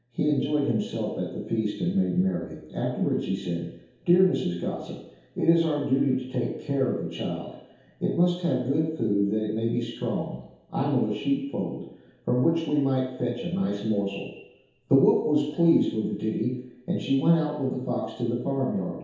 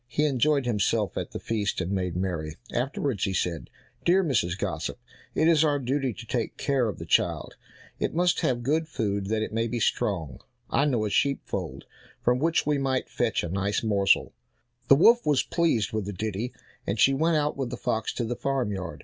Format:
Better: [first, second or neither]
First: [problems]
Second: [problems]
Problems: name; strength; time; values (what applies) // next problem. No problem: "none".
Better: second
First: room echo; dies away in 0.8 s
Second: none